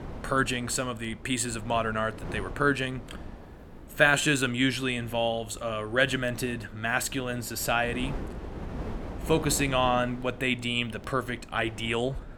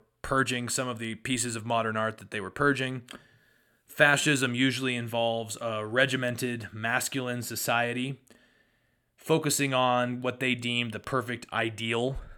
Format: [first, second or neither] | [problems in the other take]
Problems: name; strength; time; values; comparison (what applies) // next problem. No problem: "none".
second | wind noise on the microphone; occasional gusts; 20 dB below the speech